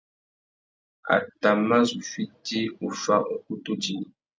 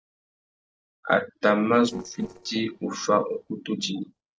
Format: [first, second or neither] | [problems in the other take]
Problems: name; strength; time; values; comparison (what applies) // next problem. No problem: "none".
first | noise reduction (neural separator model SepFormer DNS4)